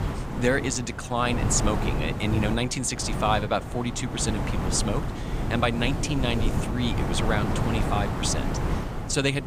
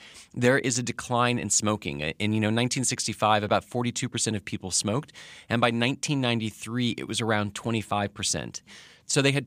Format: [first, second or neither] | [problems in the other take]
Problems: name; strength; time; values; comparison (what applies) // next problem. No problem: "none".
second | wind noise on the microphone; heavy; 6 dB below the speech